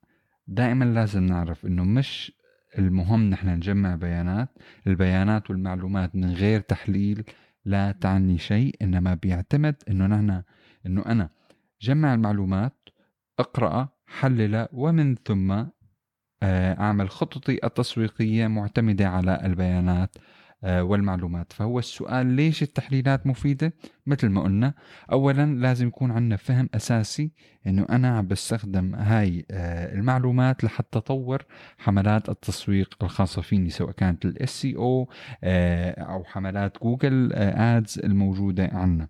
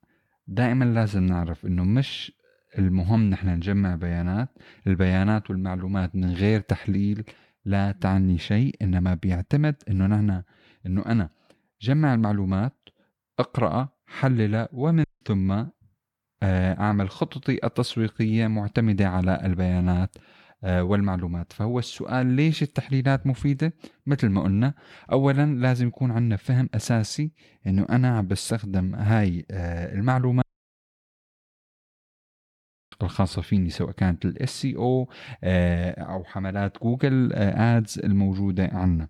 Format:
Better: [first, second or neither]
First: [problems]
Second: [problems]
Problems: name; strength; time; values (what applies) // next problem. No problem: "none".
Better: first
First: none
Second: audio cutting out; at 15 s and at 30 s for 2.5 s